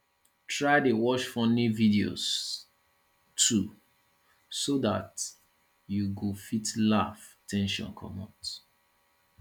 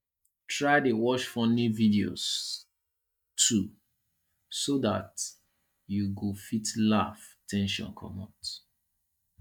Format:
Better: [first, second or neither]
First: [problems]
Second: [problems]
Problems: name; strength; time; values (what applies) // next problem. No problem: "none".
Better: first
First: none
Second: noise reduction (neural mask model DeepFilterNet 3)